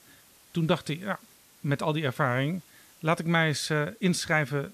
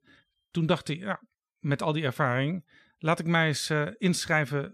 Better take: second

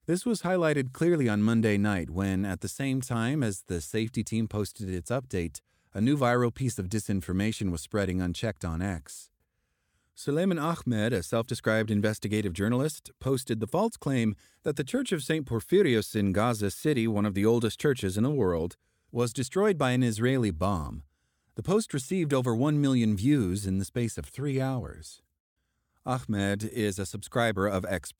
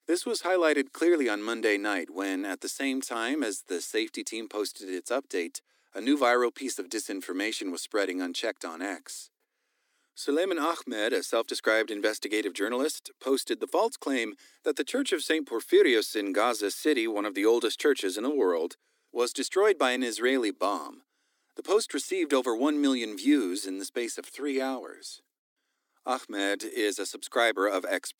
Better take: first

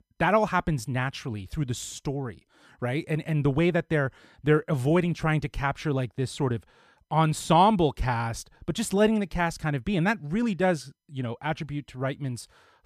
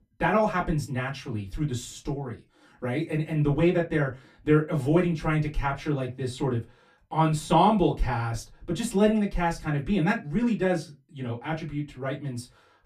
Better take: first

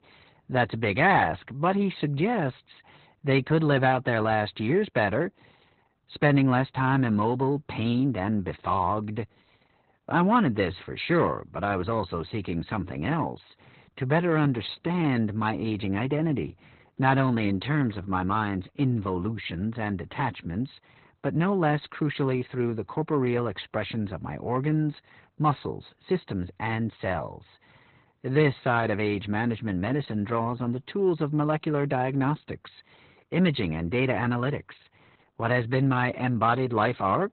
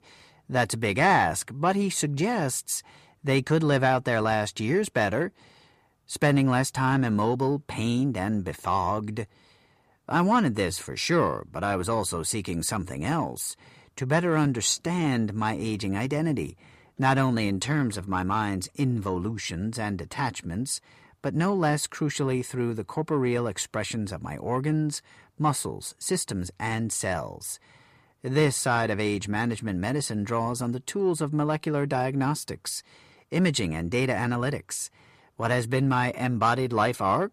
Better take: second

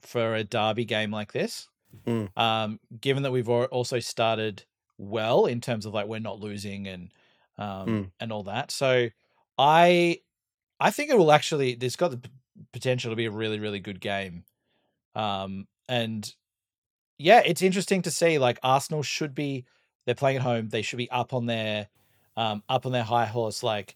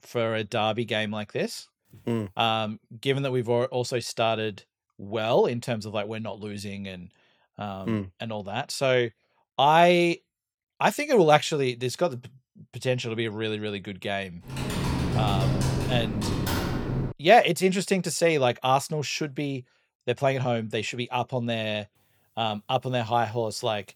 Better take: first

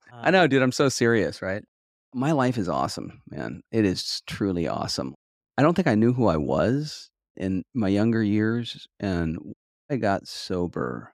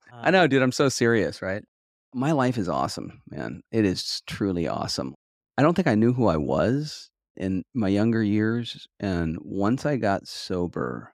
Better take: second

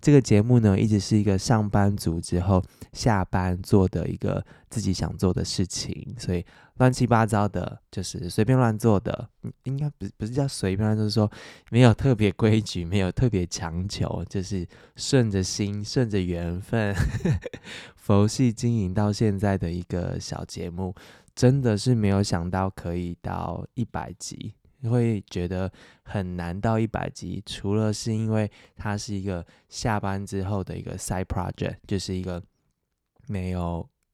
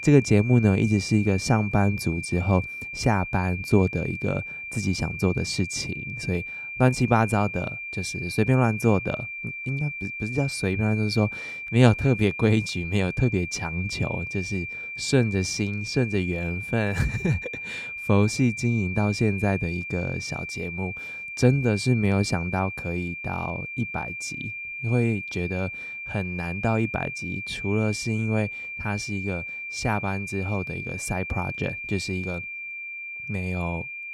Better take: first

